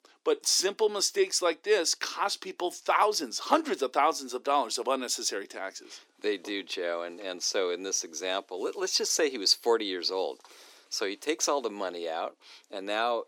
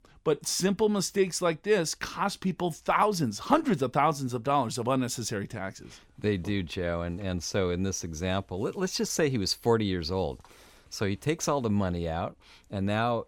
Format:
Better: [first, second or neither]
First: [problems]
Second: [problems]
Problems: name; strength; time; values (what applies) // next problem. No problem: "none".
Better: second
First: thin; somewhat; fading below 300 Hz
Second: none